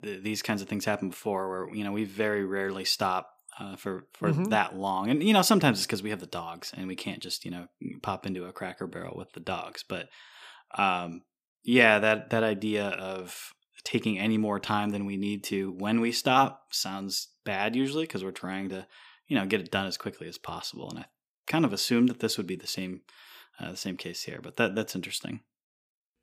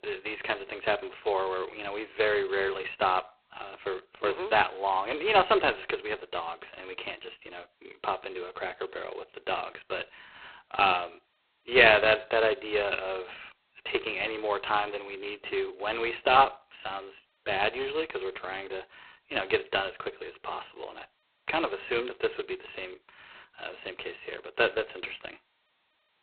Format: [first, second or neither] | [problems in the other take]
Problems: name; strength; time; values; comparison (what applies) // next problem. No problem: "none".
first | phone-call audio; poor line; nothing above 4 kHz